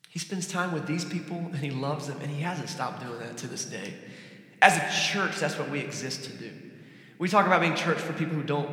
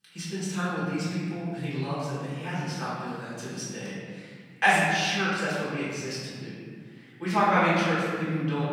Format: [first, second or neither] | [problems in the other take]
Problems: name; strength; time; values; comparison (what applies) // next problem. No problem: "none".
first | room echo; strong; dies away in 1.9 s; slight in the first // off-mic speech; far